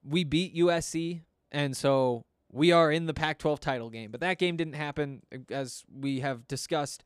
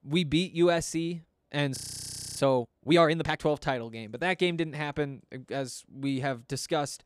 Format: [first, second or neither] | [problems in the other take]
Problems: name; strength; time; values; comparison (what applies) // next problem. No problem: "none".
first | audio freezing; at 2 s for 0.5 s